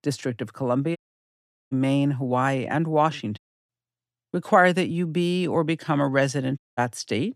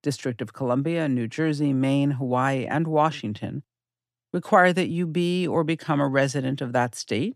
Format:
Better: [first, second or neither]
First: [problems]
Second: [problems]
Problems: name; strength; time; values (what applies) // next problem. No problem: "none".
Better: second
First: audio cutting out; at 1 s for 1 s, at 3.5 s and at 6.5 s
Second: none